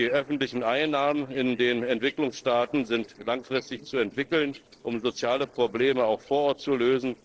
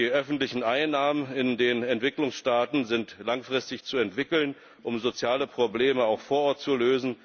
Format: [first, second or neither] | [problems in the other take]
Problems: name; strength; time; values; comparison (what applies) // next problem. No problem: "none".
second | noise reduction (neural separator model SepFormer DNS4)